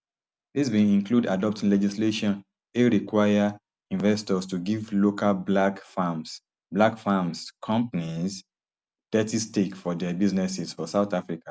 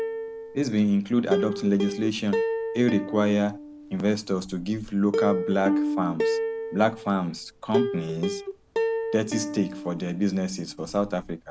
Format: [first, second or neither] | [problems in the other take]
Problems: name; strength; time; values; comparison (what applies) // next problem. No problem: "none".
first | background sound (Plucked string instrument); 4 dB below the speech